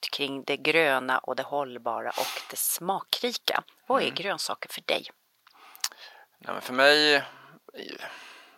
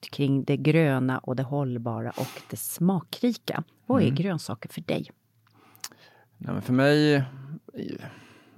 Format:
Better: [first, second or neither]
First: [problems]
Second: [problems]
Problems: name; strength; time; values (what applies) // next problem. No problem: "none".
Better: second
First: thin; very; fading below 750 Hz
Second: none